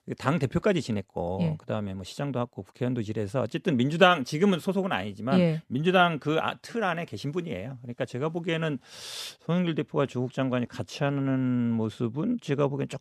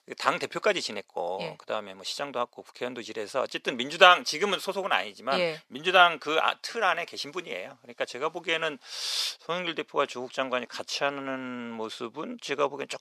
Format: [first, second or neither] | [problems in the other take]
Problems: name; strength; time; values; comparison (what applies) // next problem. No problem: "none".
first | thin; very; fading below 600 Hz